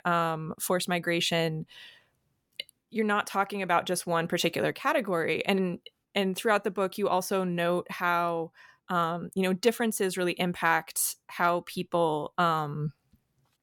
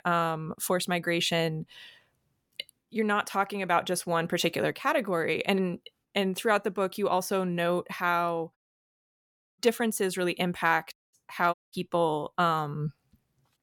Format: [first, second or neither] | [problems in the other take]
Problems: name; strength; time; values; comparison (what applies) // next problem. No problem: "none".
first | audio cutting out; at 8.5 s for 1 s, at 11 s and at 12 s